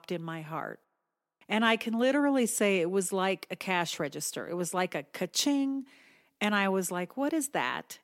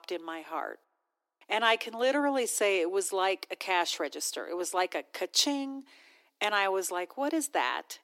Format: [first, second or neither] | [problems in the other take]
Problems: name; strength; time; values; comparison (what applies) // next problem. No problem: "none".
first | thin; somewhat; fading below 300 Hz